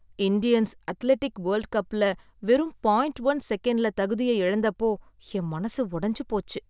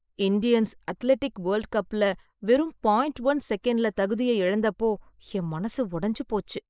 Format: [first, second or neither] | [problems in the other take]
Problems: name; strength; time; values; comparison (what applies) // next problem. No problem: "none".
first | noise reduction (neural mask model Resemble Enhance denoiser)